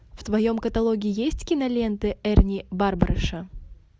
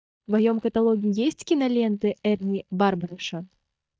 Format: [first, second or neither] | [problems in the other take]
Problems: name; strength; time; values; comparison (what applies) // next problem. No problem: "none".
first | noise reduction (neural mask model DeepFilterNet 3)